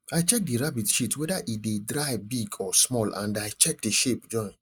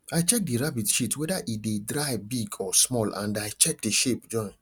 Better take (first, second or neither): second